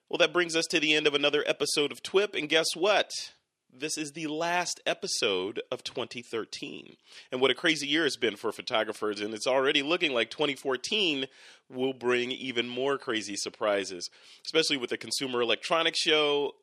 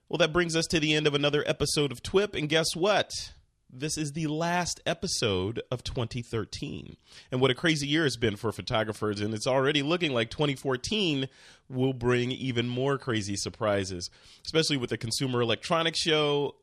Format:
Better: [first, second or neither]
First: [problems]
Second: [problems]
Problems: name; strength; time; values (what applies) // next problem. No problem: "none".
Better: second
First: thin; very slightly; fading below 350 Hz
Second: none